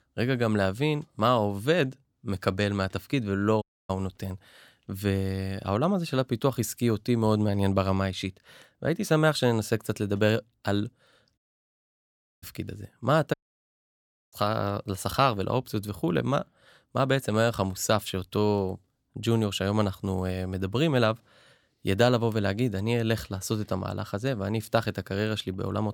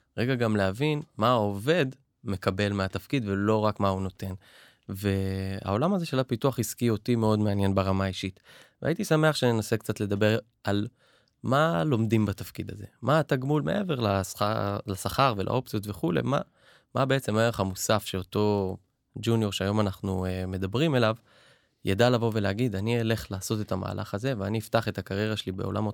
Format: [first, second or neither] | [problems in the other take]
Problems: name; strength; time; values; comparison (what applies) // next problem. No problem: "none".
second | audio cutting out; at 3.5 s, at 11 s for 1 s and at 13 s for 1 s